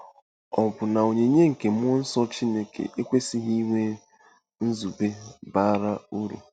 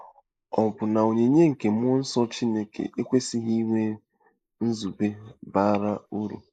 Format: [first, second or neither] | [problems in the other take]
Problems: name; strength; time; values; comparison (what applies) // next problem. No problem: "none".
first | noise reduction (neural mask model Resemble Enhance denoiser)